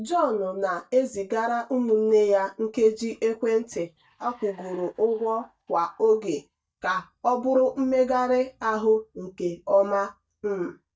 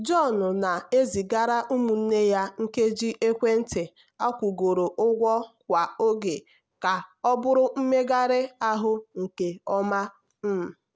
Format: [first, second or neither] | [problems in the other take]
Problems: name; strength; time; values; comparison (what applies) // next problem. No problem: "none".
second | noise reduction (neural mask model DeepFilterNet 3)